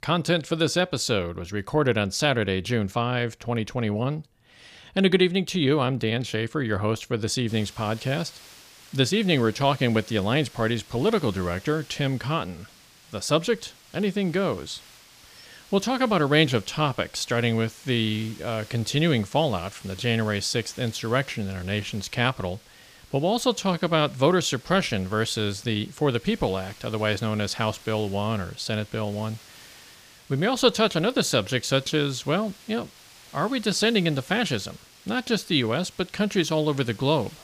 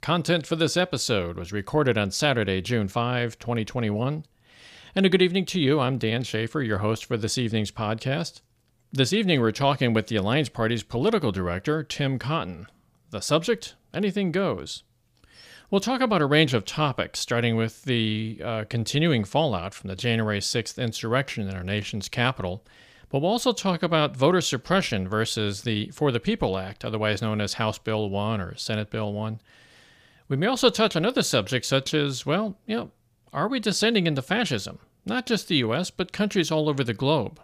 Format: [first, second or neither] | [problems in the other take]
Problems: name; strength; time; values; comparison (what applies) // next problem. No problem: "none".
second | hiss; faint; from 7.5 s on; 25 dB below the speech